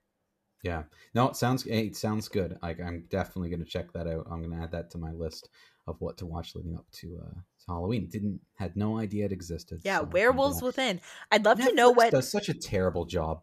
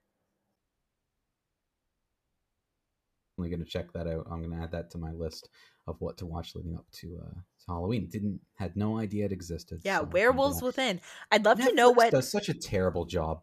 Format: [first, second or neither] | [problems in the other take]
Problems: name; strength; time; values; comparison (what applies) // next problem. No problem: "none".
first | audio cutting out; at 0.5 s for 3 s